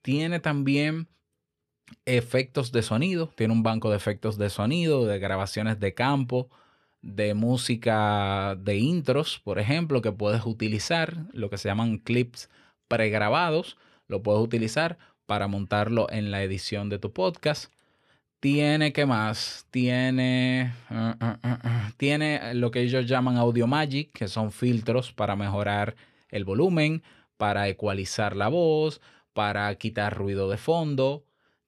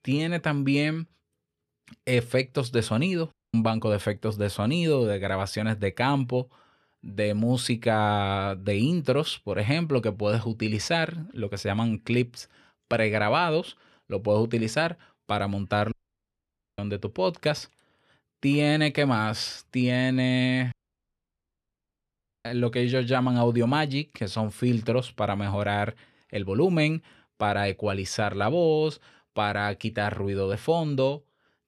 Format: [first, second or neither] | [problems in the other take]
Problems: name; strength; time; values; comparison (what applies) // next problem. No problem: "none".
first | audio cutting out; at 3.5 s, at 16 s for 1 s and at 21 s for 1.5 s